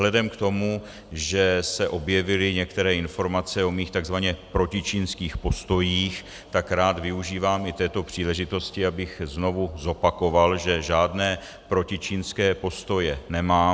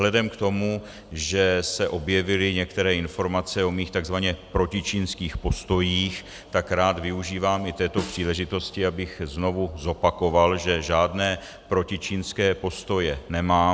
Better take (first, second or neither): first